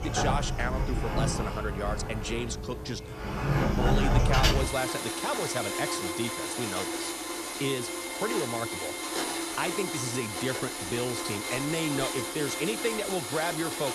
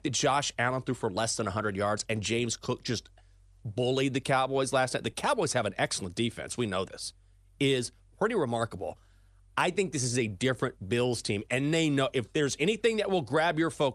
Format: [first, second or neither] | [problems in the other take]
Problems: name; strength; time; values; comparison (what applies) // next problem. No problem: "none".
second | household noises; very loud; throughout; 2 dB above the speech